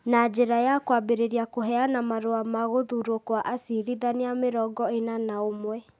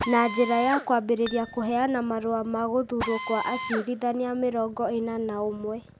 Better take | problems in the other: first | background sound (Acoustic guitar + Drill); 11 dB below the speech

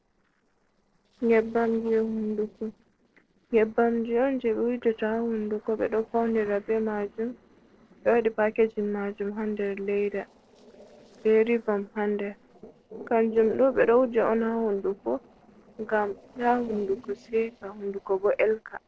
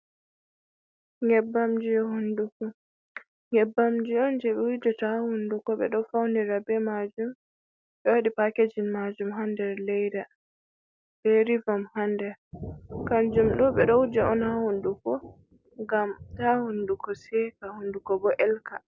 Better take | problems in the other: second | noise reduction (neural separator model SepFormer DNS4)

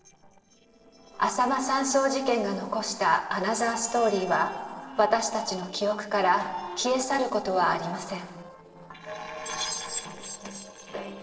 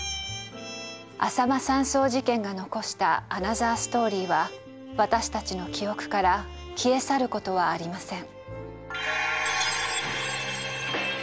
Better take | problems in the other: second | noise reduction (neural separator model SepFormer DNS4)

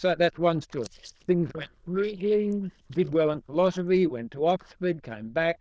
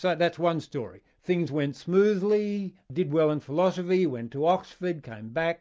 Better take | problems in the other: second | noise reduction (neural diffusion model UNIVERSE++)

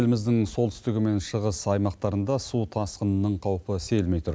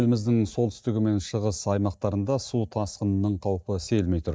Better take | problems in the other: first | noise reduction (neural mask model DeepFilterNet 3)

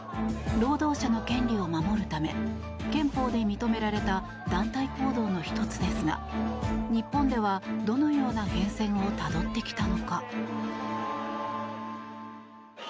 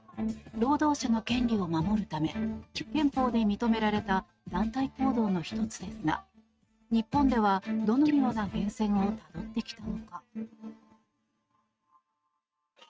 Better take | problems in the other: first | noise reduction (neural mask model RNNoise)

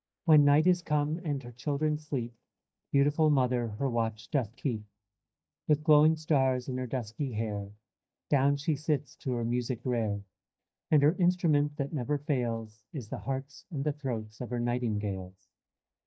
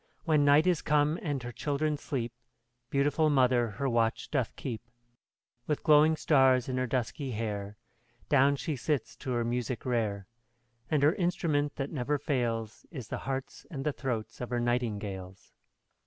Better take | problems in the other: second | noise reduction (neural mask model DeepFilterNet 3)

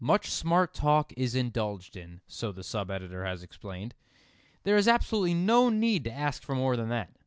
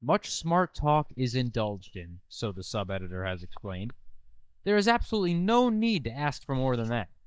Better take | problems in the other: first | noise reduction (neural mask model DeepFilterNet 3)

